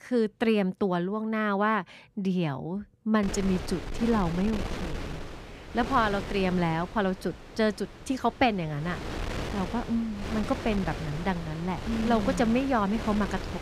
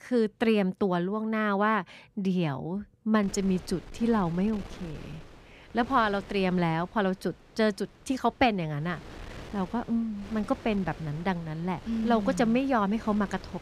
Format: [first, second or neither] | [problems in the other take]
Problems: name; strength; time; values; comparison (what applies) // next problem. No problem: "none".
second | wind noise on the microphone; heavy; from 3 s on; 10 dB below the speech; occasional gusts in the second